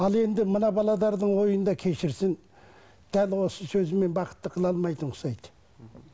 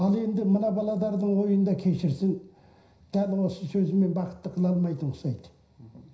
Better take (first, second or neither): first